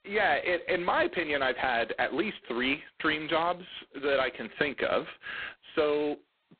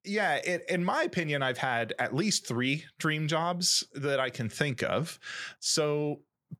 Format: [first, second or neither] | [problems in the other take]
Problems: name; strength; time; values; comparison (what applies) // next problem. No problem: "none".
second | phone-call audio; poor line; nothing above 4 kHz